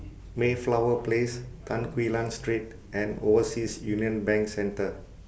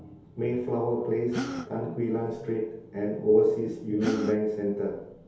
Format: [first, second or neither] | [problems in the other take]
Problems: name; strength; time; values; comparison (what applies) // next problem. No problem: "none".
first | background sound (Gasp); 11 dB below the speech // room echo; dies away in 0.8 s